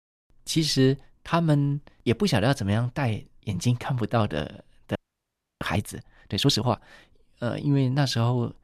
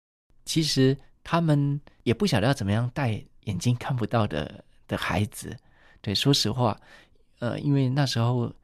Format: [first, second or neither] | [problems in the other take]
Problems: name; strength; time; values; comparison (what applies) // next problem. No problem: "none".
second | audio freezing; at 5 s for 0.5 s